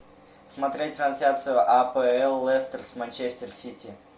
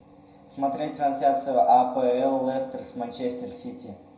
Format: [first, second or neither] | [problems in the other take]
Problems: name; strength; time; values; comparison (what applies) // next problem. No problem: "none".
first | room echo; dies away in 0.7 s